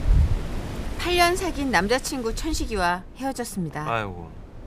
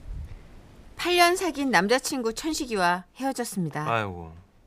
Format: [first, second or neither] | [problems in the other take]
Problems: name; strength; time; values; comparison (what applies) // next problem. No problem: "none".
second | wind in the background; loud; throughout; 6 dB below the speech; faint in the second